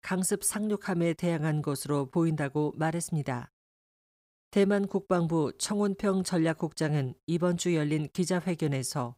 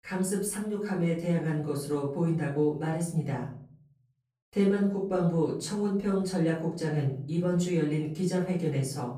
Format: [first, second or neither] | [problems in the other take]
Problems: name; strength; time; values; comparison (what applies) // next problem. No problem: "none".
first | off-mic speech; far // room echo; slight; dies away in 0.5 s